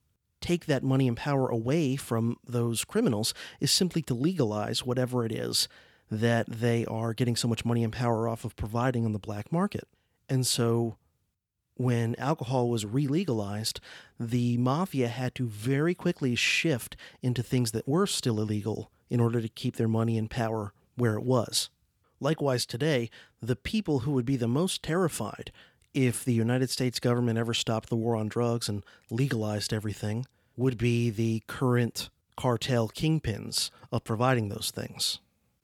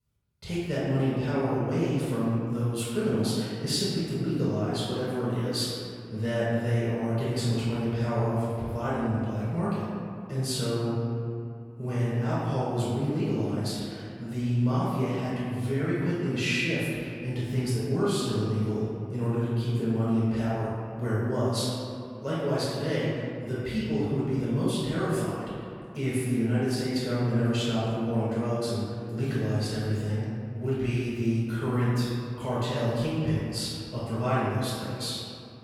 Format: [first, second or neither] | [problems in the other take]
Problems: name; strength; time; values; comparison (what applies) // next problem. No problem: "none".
first | room echo; strong; dies away in 2.3 s // off-mic speech; far